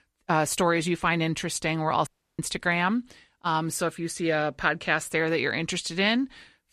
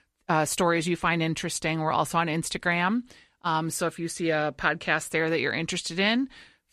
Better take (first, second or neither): second